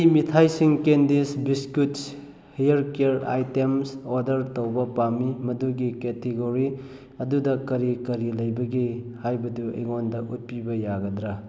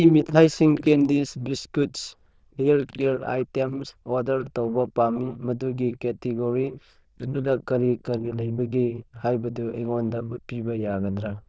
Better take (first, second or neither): first